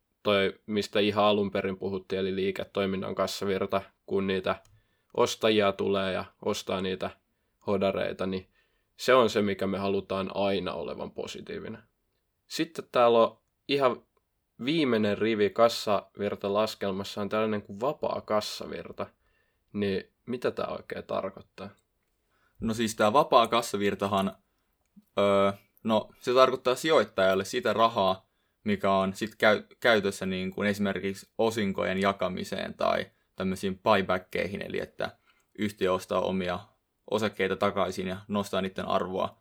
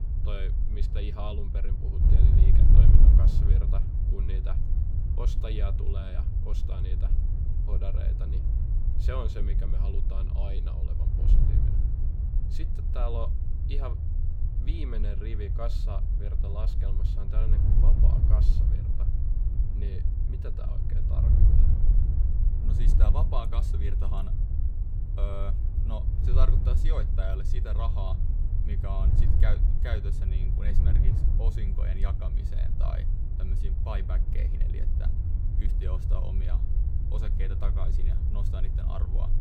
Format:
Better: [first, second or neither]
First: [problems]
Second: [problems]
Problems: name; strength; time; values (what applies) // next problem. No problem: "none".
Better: first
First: none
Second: wind noise on the microphone; heavy; 2 dB below the speech